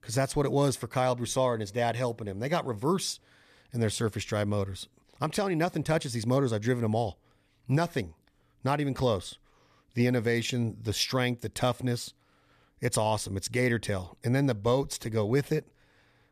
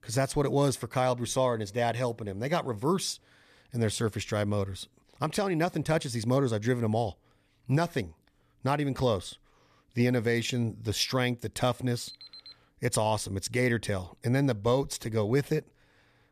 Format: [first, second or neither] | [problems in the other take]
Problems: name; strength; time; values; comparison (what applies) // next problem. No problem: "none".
first | alarm; faint; at 12 s; peak 15 dB below the speech